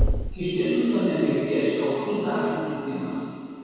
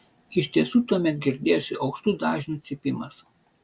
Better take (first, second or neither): second